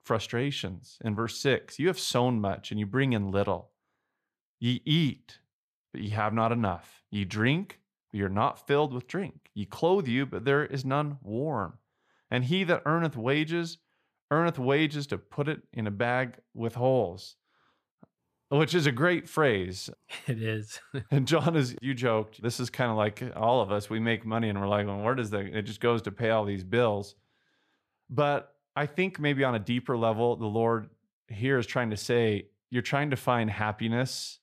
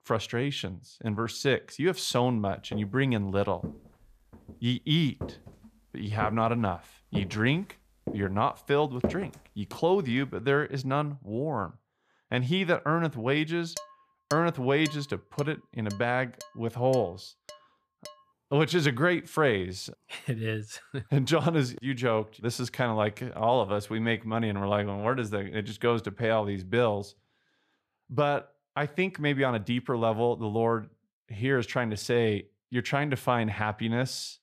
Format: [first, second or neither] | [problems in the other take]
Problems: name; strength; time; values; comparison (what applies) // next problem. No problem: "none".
first | footsteps; noticeable; from 2.5 to 9.5 s; peak 4 dB below the speech // clattering dishes; faint; from 14 to 18 s; peak 10 dB below the speech